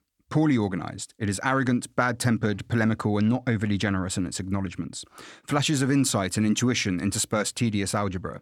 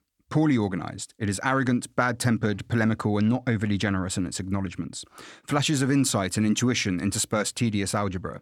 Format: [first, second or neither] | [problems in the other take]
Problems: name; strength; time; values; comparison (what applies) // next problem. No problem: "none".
neither | none